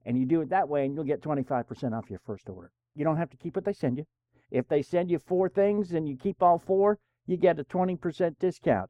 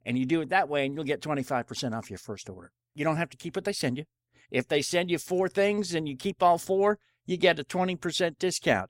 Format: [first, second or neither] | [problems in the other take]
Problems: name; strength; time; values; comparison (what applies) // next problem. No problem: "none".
second | muffled; very; fading above 2 kHz